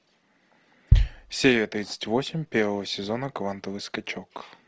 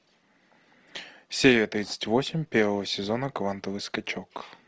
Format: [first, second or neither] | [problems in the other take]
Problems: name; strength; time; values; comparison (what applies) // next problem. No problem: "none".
second | background sound (Bass drum); 2 dB above the speech